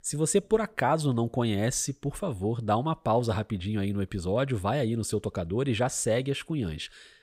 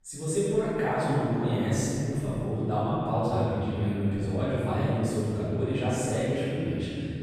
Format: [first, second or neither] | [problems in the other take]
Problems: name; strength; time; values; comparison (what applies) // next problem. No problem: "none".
first | off-mic speech; far // room echo; strong; dies away in 3 s